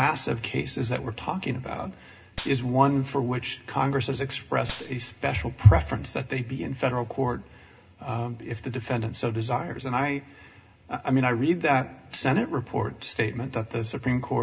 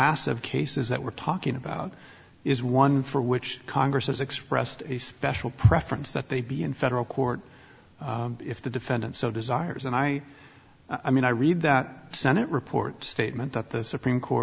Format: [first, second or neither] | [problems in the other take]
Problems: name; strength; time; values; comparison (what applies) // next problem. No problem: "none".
second | background sound (Gunshot, gunfire); 16 dB below the speech // room echo; dies away in 0.2 s